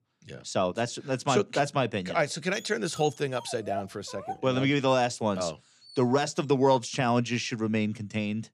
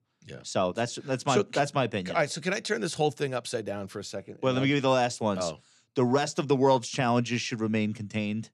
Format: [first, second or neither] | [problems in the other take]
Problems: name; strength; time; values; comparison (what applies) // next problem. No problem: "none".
second | dog barking; noticeable; from 2.5 to 6 s; peak 9 dB below the speech